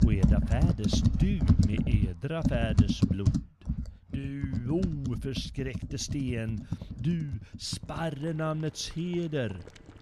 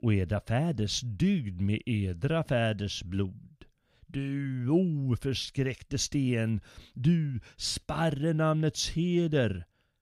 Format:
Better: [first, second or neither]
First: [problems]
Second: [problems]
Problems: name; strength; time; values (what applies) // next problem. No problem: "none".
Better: second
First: household noises; very loud; throughout; 4 dB above the speech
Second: none